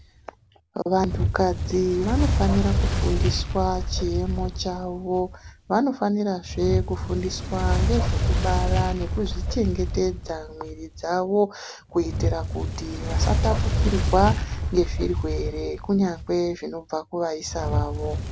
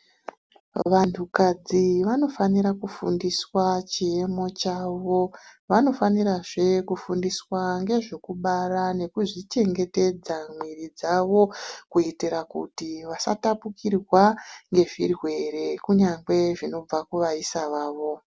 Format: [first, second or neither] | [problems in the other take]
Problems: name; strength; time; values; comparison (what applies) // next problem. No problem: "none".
second | background sound (Fire); as loud as the speech